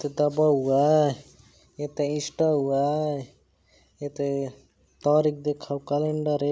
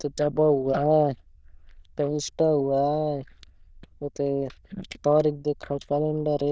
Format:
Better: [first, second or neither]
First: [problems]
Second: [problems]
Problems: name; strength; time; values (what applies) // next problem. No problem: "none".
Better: first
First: none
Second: noise reduction (neural diffusion model UNIVERSE++)